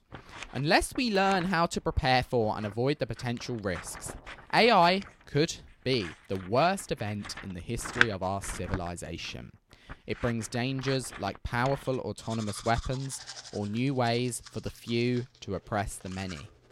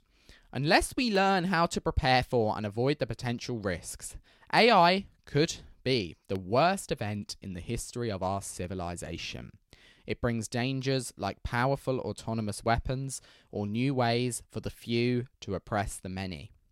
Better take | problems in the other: second | household noises; loud; throughout; 10 dB below the speech

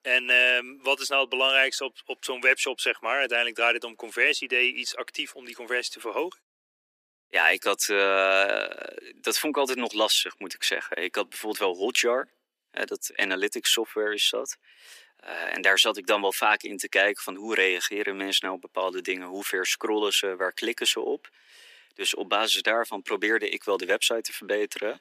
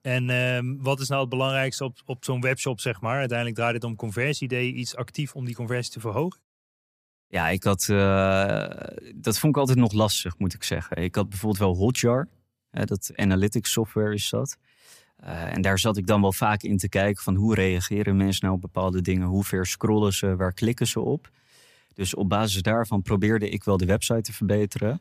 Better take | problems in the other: second | thin; very; fading below 300 Hz

